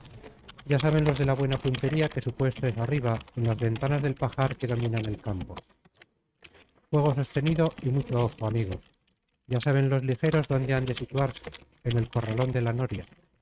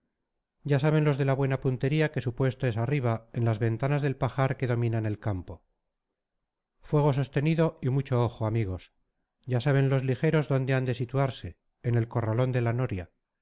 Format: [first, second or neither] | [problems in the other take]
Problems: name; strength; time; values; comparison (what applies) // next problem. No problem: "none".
second | noise reduction (neural mask model RNNoise)